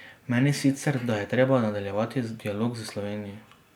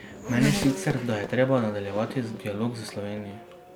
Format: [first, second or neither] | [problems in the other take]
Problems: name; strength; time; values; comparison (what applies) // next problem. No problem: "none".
first | background sound (Race car, auto racing / Accelerating, revving, vroom); 7 dB below the speech